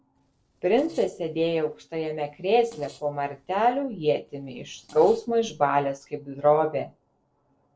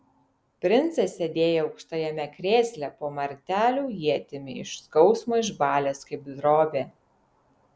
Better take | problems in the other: second | noise reduction (neural separator model SepFormer DNS4)

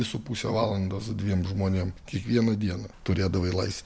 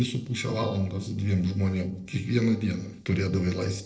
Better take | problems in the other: first | noise reduction (neural separator model SepFormer DNS4)

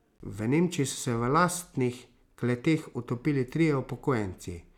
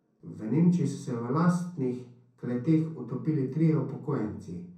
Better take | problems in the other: first | room echo; dies away in 0.6 s

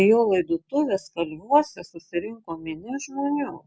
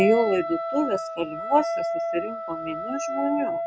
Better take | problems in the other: first | background sound (Wind instrument, woodwind instrument); 3 dB below the speech

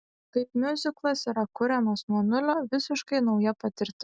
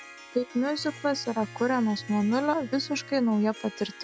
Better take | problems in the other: first | background sound (Bass guitar + Harp); 17 dB below the speech

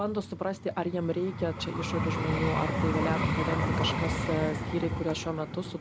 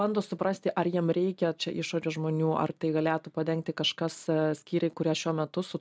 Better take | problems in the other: second | background sound (Vehicle); as loud as the speech

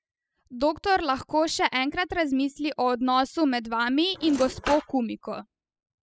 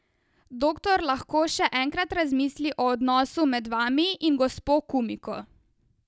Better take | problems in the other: second | noise reduction (classical method spectral subtraction)

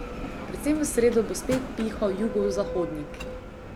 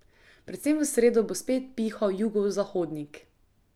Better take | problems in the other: second | background sound (Bell); 7 dB below the speech

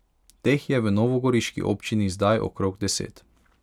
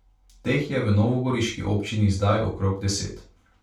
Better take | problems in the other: first | room echo; dies away in 0.3 s

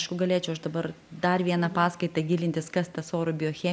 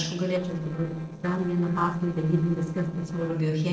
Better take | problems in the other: first | noise reduction (neural separator model SepFormer DNS4)

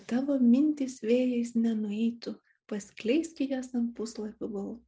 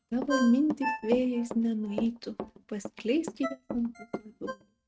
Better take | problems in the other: first | noise reduction (neural mask model RNNoise)

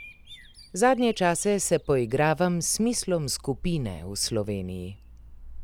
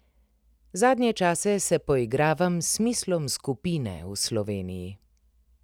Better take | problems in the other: second | background sound (Bird vocalization, bird call, bird song); 17 dB below the speech

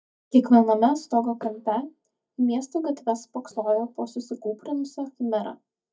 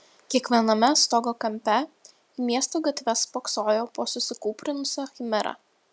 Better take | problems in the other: second | noise reduction (neural mask model DeepFilterNet 3)

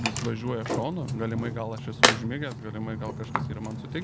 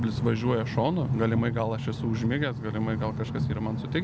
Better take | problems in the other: second | background sound (Tools); as loud as the speech

